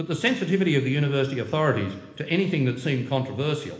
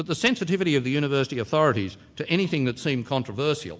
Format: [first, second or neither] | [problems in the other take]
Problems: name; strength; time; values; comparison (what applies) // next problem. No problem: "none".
second | room echo; dies away in 1.1 s